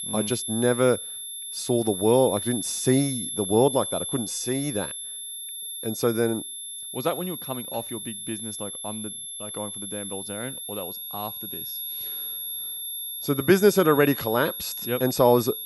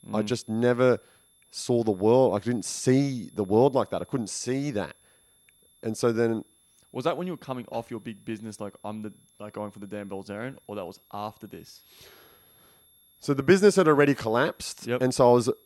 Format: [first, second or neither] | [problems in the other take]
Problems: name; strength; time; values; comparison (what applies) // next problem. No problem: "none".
second | high-pitched whine; loud; throughout; 11 kHz, 7 dB below the speech; faint in the second